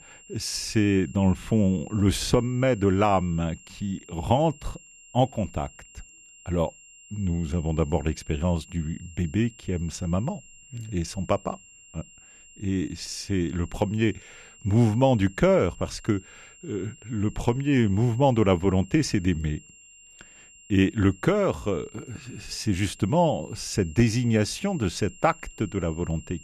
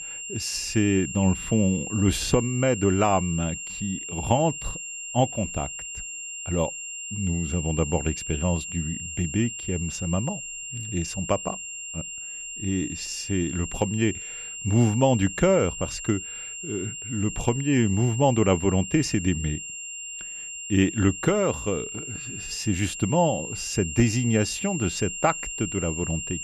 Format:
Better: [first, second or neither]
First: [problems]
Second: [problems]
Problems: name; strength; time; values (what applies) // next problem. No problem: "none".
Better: first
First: high-pitched whine; faint; throughout; 3 kHz, 25 dB below the speech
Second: high-pitched whine; loud; throughout; 3 kHz, 7 dB below the speech